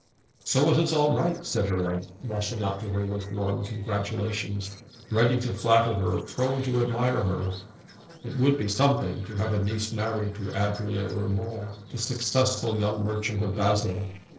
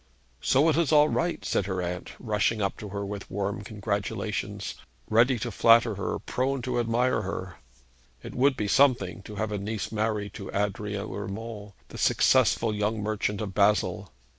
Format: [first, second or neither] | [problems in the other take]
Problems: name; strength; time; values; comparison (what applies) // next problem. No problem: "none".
second | noise reduction (neural separator model SepFormer DNS4)